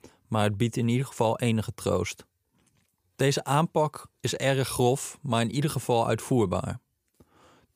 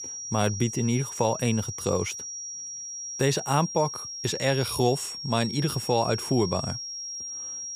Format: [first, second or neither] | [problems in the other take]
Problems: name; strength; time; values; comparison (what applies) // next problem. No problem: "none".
first | high-pitched whine; loud; throughout; 5.5 kHz, 7 dB below the speech